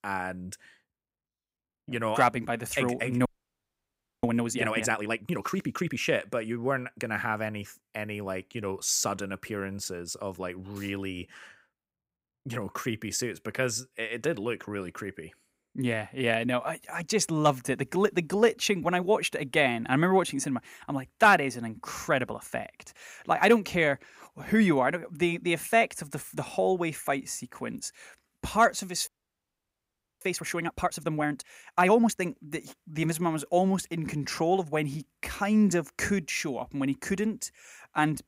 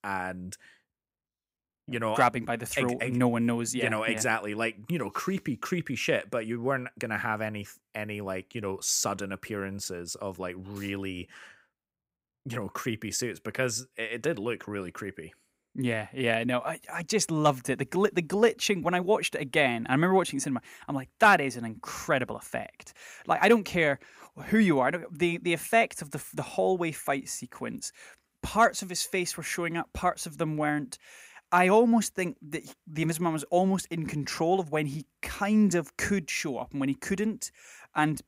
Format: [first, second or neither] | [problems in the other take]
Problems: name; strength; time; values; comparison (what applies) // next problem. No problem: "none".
second | audio freezing; at 3.5 s for 1 s and at 29 s for 1 s